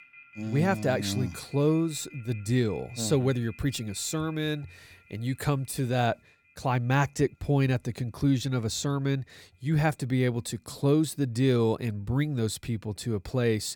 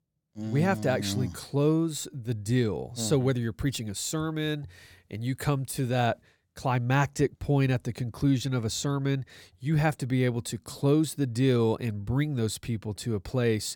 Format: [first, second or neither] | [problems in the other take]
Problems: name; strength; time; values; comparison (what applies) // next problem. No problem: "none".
second | alarms or sirens; faint; throughout; 25 dB below the speech